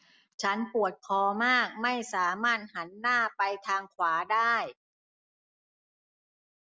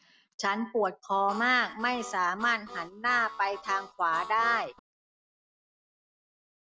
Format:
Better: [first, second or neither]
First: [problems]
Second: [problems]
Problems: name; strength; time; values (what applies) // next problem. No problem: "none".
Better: first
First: none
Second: background sound (Harmonica); 12 dB below the speech